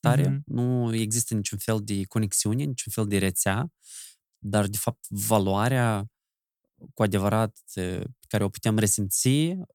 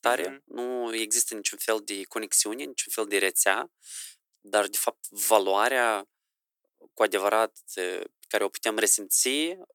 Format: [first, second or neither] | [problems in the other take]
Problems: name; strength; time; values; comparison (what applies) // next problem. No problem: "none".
first | thin; very; fading below 350 Hz